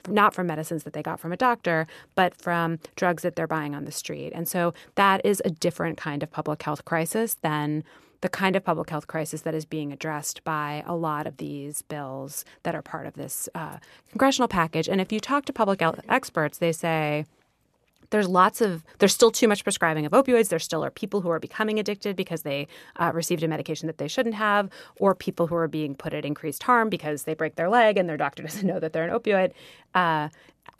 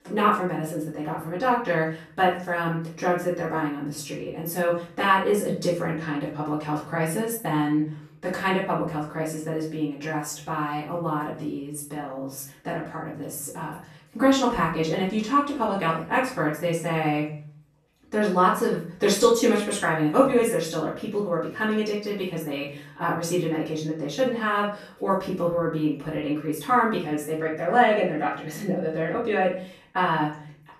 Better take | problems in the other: first | off-mic speech; far // room echo; noticeable; dies away in 0.4 s

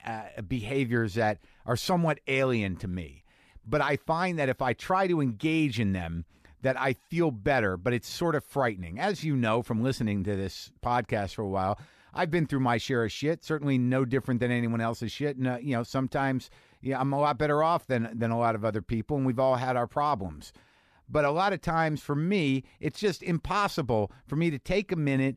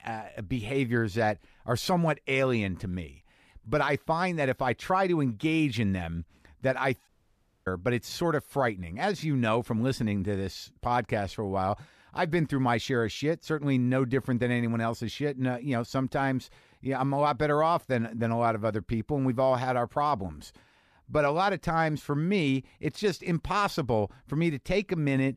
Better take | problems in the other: first | audio cutting out; at 7 s for 0.5 s

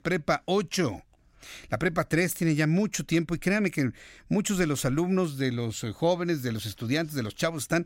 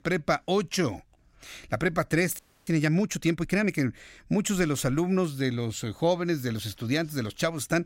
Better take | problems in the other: first | audio freezing; at 2.5 s

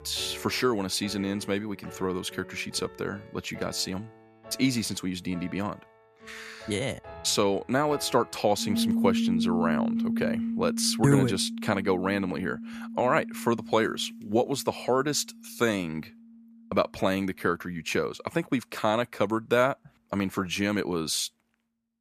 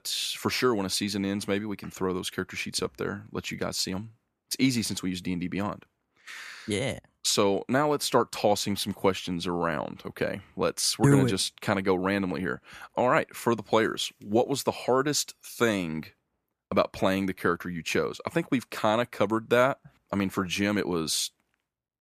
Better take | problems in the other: second | background music; loud; throughout; 5 dB below the speech

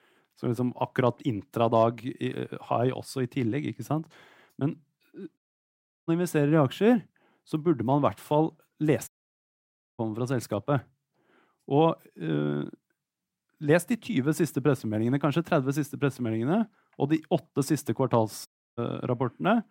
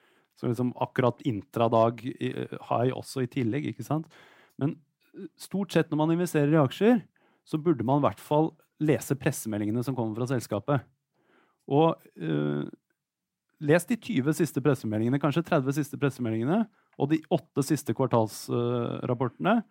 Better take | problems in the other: second | audio cutting out; at 5.5 s for 0.5 s, at 9 s for 1 s and at 18 s

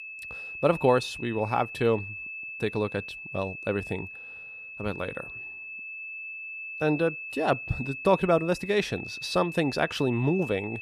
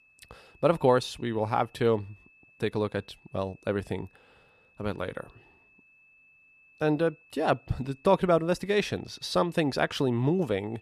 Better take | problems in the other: second | high-pitched whine; loud; throughout; 2.5 kHz, 9 dB below the speech; faint in the second

